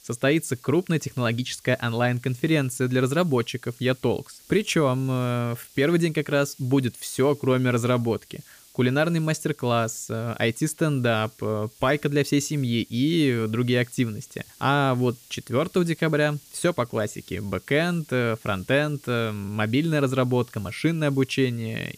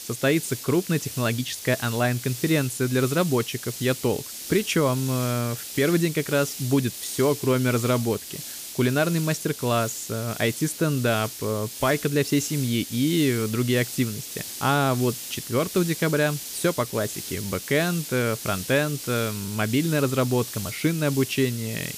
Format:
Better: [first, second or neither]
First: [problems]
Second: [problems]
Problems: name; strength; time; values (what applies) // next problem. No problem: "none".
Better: first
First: hiss; faint; throughout; 25 dB below the speech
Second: hiss; loud; throughout; 9 dB below the speech